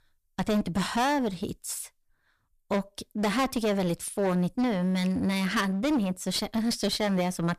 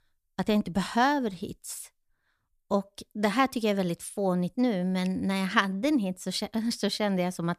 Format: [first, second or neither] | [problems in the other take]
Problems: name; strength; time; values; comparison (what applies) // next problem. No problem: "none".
second | distortion; heavy; 18% of the sound clipped